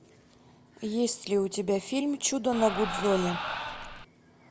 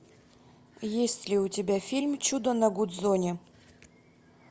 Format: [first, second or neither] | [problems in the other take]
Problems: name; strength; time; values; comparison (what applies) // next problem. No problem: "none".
second | background sound (Crowd); 5 dB below the speech